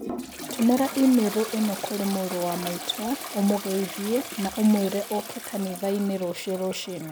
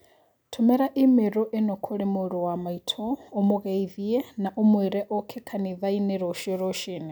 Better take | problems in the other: second | background sound (Toilet flush); 11 dB below the speech

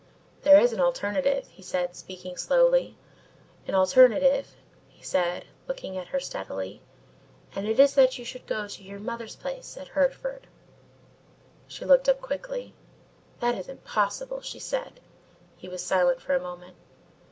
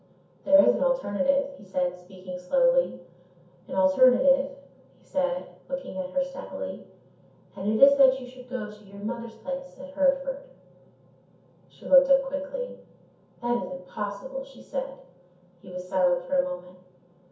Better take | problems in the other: first | room echo; dies away in 0.6 s

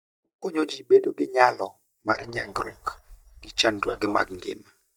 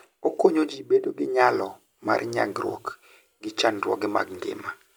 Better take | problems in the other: second | noise reduction (neural mask model DeepFilterNet 3)

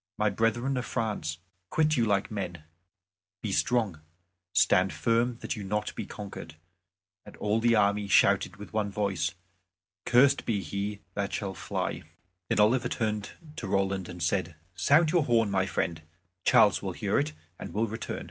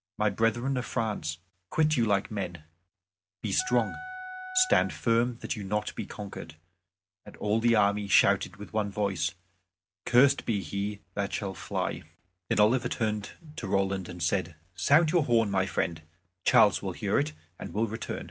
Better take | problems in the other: first | background sound (Wind instrument, woodwind instrument); 11 dB below the speech

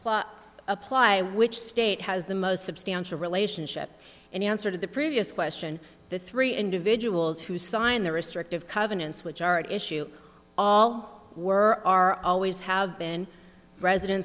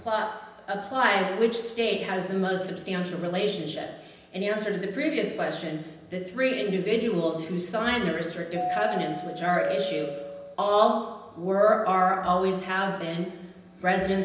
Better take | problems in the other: first | background sound (Doorbell); 5 dB below the speech // room echo; dies away in 0.9 s

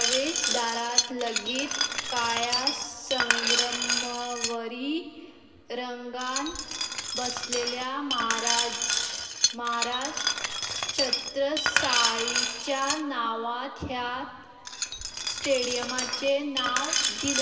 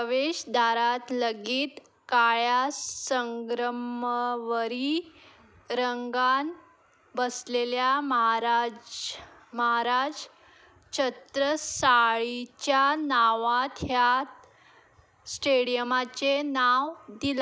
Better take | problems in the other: second | background sound (Glass); 2 dB above the speech // room echo; dies away in 2.1 s

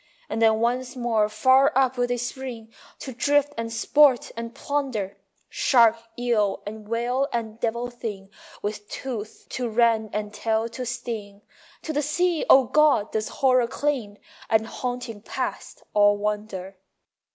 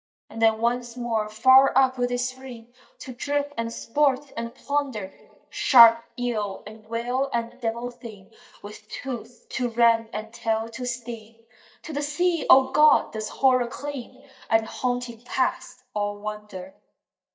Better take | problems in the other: first | noise reduction (neural mask model DeepFilterNet 3)

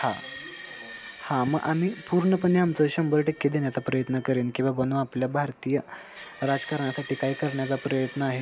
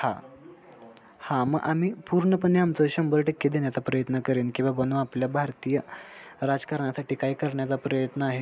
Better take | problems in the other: second | background sound (Screech); 18 dB below the speech

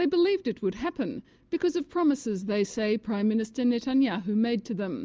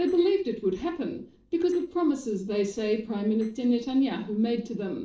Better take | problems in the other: first | noise reduction (neural separator model SepFormer DNS4)

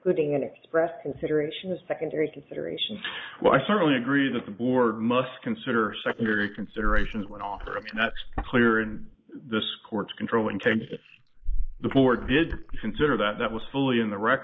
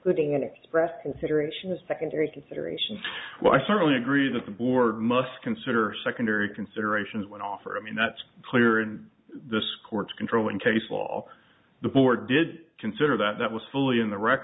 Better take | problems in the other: second | noise reduction (neural mask model Resemble Enhance denoiser)

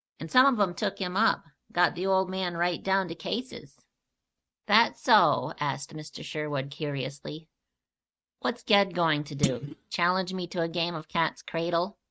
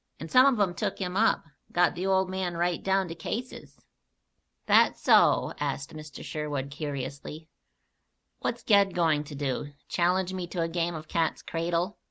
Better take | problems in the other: second | noise reduction (neural mask model RNNoise)

